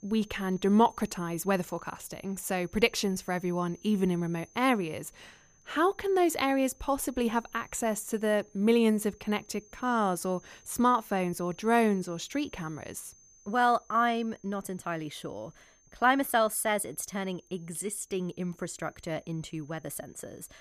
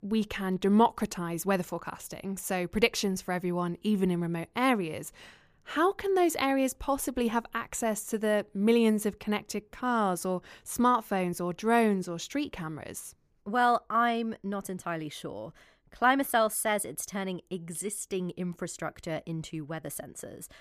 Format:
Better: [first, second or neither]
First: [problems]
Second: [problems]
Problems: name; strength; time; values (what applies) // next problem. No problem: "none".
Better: second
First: high-pitched whine; faint; throughout; 6.5 kHz, 30 dB below the speech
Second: none